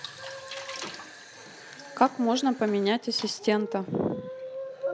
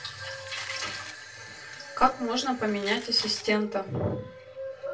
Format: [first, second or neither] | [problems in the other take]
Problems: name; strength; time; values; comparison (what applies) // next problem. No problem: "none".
first | background sound (Domestic sounds, home sounds); 16 dB below the speech // room echo; dies away in 0.2 s